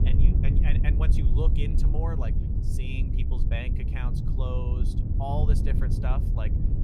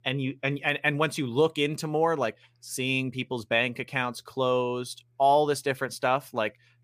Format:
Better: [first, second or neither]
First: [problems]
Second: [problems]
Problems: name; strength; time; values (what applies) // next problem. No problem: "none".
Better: second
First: low rumble; loud; throughout; 3 dB below the speech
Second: none